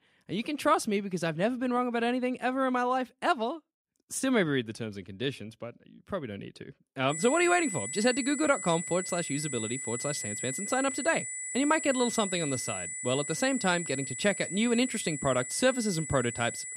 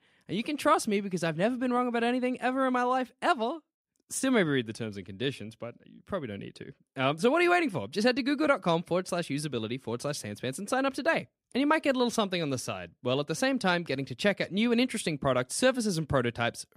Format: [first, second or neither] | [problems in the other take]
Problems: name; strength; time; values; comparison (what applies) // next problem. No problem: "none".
second | high-pitched whine; loud; from 7 s on; 8 kHz, 5 dB below the speech